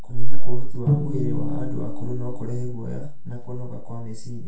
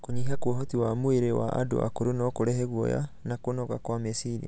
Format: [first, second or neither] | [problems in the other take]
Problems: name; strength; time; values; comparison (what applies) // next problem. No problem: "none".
second | background sound (Bowed string instrument); 13 dB below the speech // room echo; dies away in 0.3 s